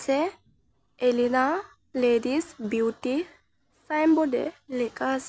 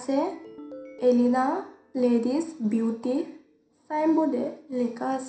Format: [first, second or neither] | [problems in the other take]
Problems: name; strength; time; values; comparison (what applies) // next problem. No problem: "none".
first | background sound (Ringtone); 19 dB below the speech // room echo; dies away in 0.5 s